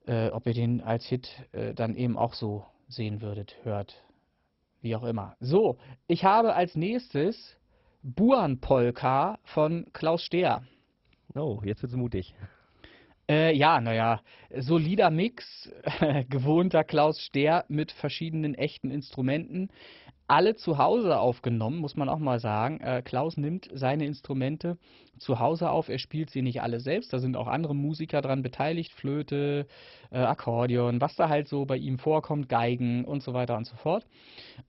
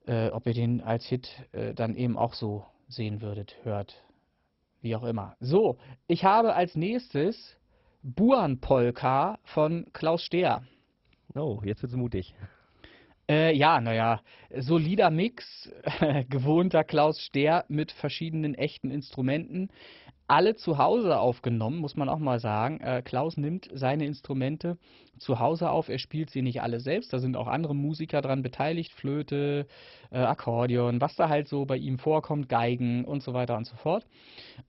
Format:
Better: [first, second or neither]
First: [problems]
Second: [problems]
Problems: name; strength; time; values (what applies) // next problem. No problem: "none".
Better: neither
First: garbled, watery; badly; nothing above 5.5 kHz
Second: garbled, watery; badly; nothing above 5.5 kHz